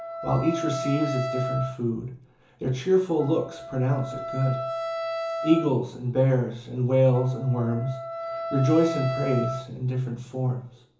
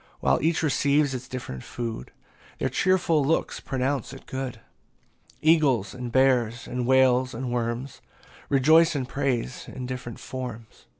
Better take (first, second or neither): second